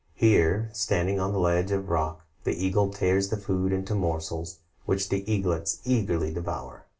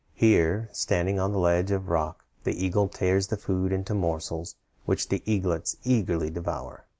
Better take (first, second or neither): second